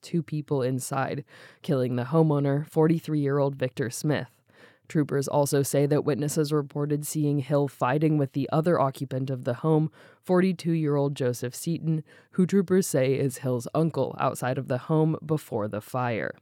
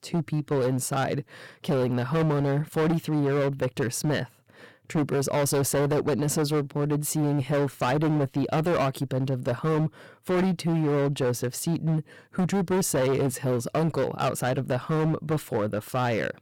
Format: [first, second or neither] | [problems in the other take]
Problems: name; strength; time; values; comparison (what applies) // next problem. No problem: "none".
first | distortion; heavy; 19% of the sound clipped